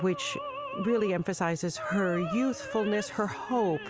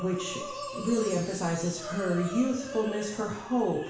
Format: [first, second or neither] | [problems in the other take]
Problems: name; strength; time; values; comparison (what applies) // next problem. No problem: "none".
first | background sound (Chime); 18 dB below the speech // room echo; dies away in 0.7 s